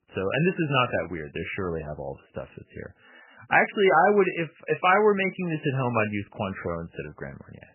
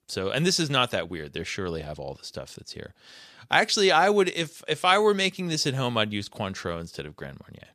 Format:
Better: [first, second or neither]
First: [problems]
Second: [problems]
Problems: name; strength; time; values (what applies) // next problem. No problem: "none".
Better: second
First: garbled, watery; badly; nothing above 3 kHz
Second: none